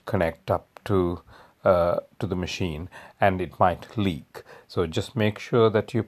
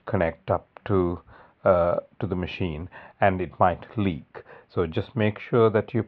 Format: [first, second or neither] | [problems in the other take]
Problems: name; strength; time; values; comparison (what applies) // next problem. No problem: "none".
first | muffled; very; fading above 3 kHz